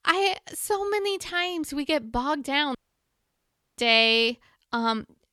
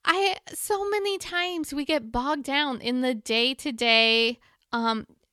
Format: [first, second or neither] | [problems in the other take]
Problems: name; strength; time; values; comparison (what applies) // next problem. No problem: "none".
second | audio cutting out; at 3 s for 1 s